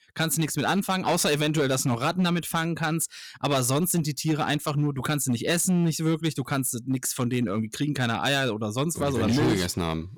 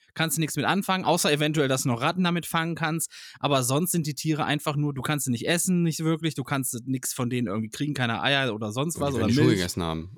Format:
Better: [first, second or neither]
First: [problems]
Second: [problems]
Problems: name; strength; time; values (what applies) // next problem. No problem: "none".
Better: second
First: distortion; slight; 7% of the sound clipped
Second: none